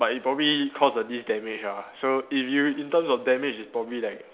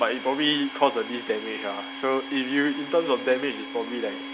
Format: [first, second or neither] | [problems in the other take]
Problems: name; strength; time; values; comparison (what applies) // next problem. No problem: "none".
first | background sound (Domestic sounds, home sounds); 11 dB below the speech